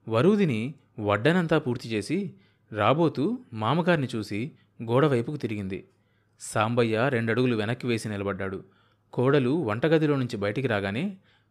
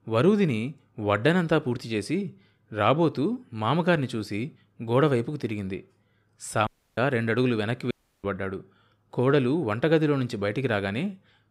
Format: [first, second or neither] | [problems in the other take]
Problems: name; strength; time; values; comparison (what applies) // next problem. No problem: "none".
first | audio cutting out; at 6.5 s and at 8 s